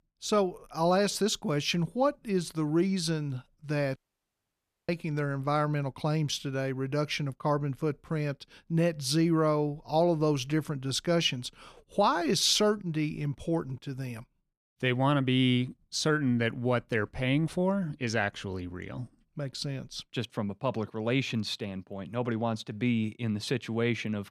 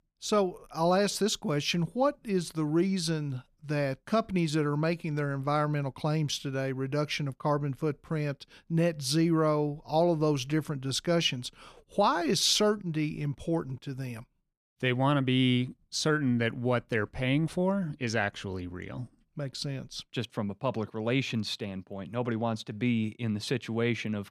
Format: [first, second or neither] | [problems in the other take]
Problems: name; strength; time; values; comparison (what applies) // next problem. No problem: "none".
second | audio cutting out; at 4 s for 1 s